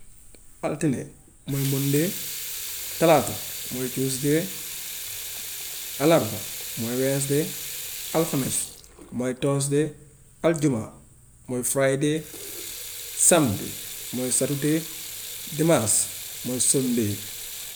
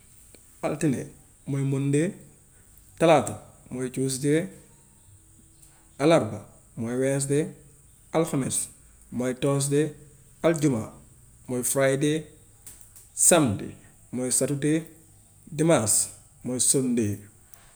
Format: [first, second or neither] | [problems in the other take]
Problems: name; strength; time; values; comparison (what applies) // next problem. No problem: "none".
second | background sound (Sink (filling or washing) / Water tap, faucet); 10 dB below the speech